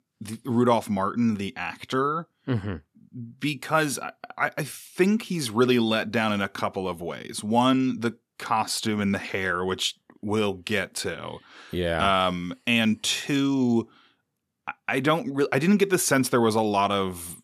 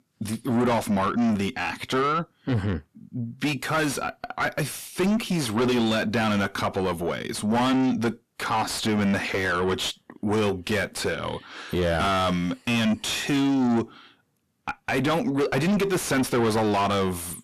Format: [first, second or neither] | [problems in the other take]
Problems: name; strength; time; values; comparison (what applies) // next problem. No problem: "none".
first | distortion; heavy; 6 dB below the speech